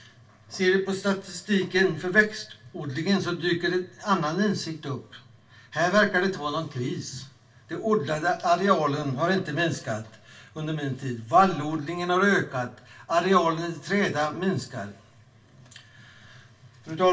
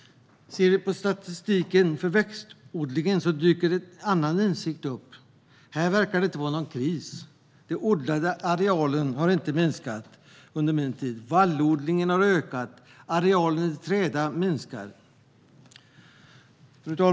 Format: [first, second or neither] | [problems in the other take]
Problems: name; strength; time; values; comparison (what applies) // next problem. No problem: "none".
second | room echo; dies away in 0.2 s